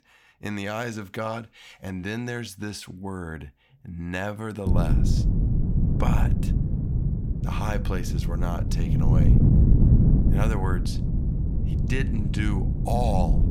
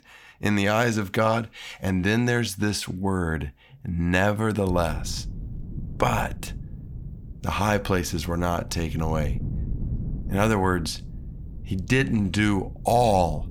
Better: second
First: wind noise on the microphone; heavy; from 4.5 s on; 2 dB below the speech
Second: wind noise on the microphone; occasional gusts; from 4.5 s on; 20 dB below the speech

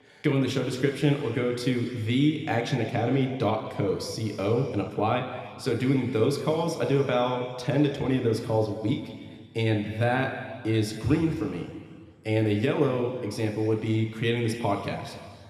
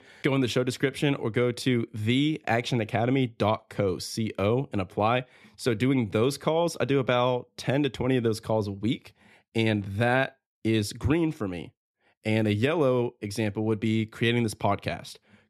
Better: second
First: room echo; noticeable; dies away in 1.9 s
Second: none

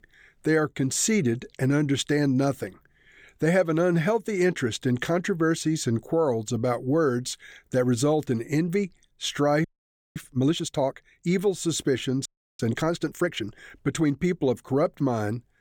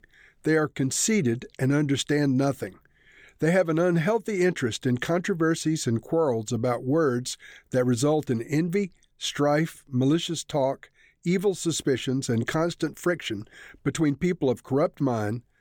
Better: second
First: audio freezing; at 9.5 s for 0.5 s and at 12 s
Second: none

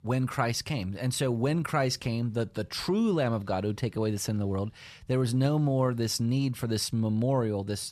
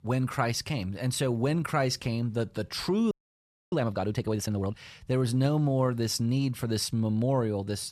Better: first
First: none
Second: audio freezing; at 3 s for 0.5 s

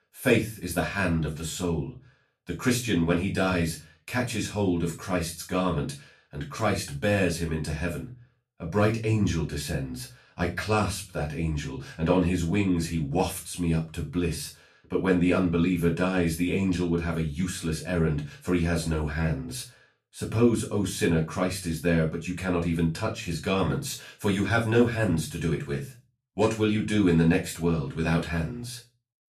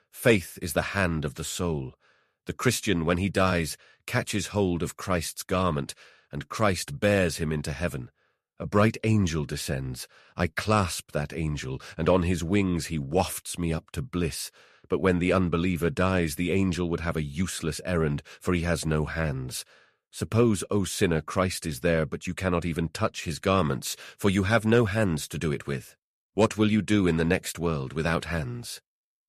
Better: second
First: off-mic speech; far // room echo; very slight; dies away in 0.3 s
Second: none

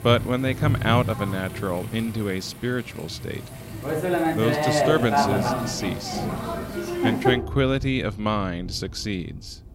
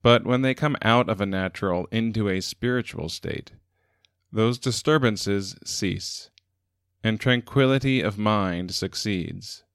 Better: second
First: rain or running water; very loud; throughout; as loud as the speech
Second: none

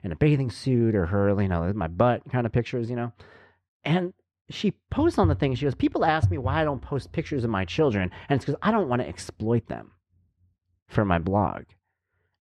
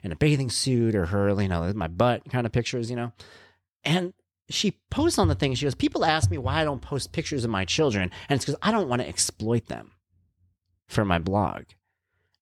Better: second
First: muffled; slightly; fading above 3.5 kHz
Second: none

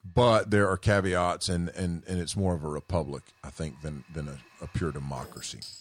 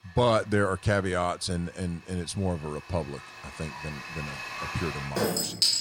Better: first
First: household noises; faint; throughout; 20 dB below the speech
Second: household noises; loud; throughout; 1 dB below the speech

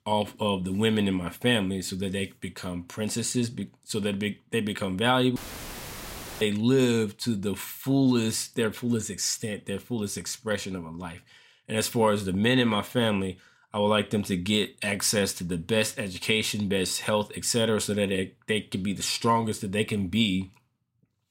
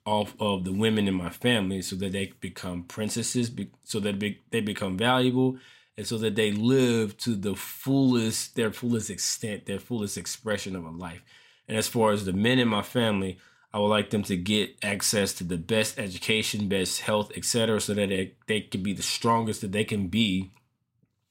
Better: second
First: audio cutting out; filled with static; at 5.5 s for 1 s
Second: none

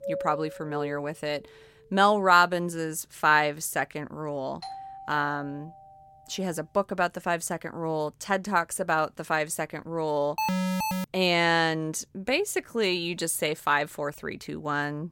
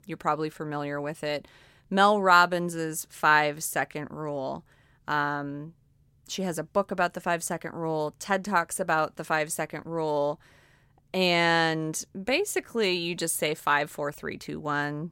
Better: second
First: doorbell; noticeable; until 1 s; peak 6 dB below the speech // doorbell; faint; from 4.5 to 6 s; peak 15 dB below the speech // alarm; noticeable; at 10 s; peak level with the speech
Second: none

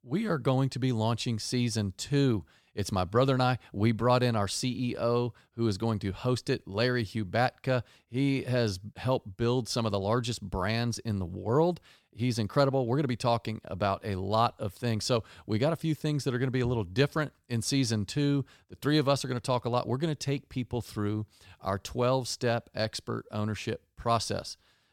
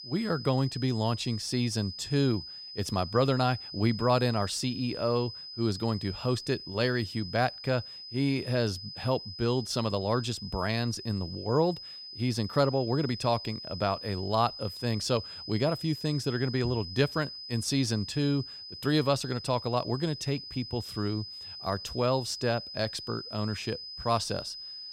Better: first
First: none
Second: high-pitched whine; loud; throughout; 5 kHz, 10 dB below the speech

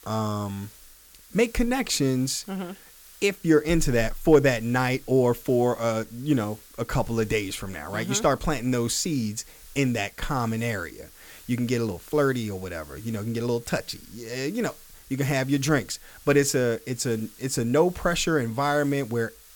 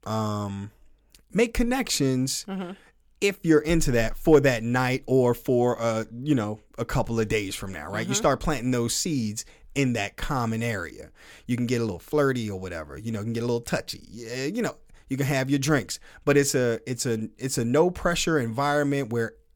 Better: second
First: hiss; faint; throughout; 20 dB below the speech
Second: none

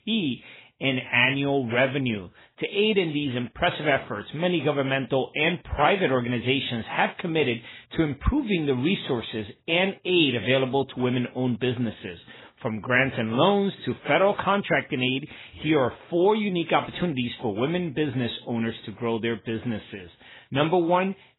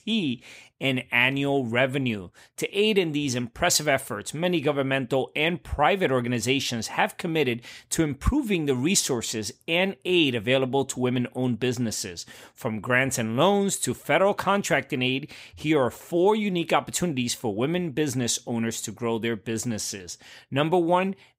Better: second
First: garbled, watery; badly; nothing above 4 kHz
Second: none

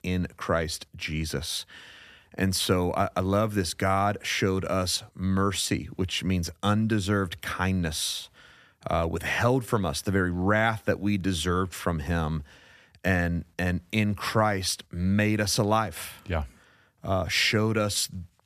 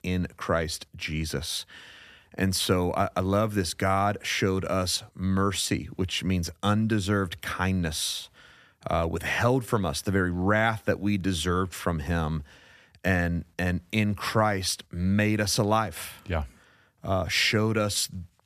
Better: neither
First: none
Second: none

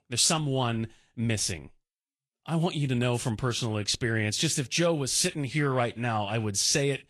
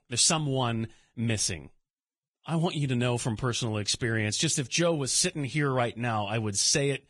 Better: first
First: garbled, watery; slightly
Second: garbled, watery; badly; nothing above 10 kHz

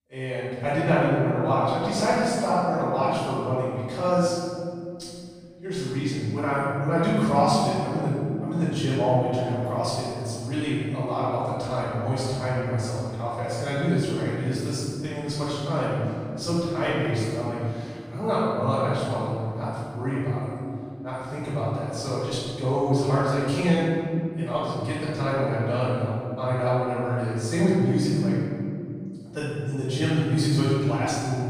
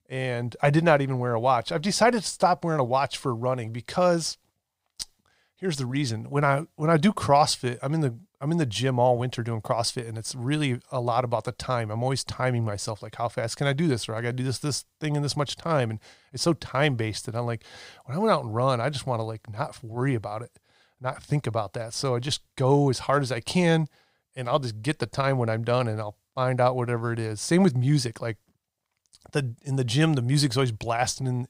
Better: second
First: room echo; strong; dies away in 2.6 s // off-mic speech; far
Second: none

